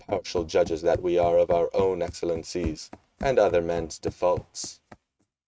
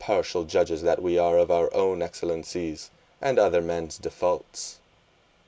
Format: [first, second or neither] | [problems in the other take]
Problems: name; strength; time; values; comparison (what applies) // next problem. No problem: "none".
second | noise reduction (neural mask model RNNoise)